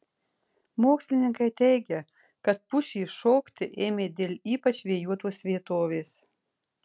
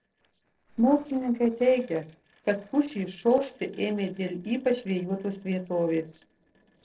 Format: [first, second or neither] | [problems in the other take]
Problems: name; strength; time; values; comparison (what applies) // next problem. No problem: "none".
first | noise reduction (neural separator model SepFormer DNS4)